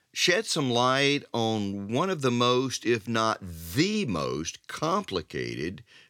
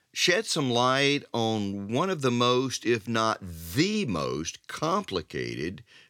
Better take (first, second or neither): neither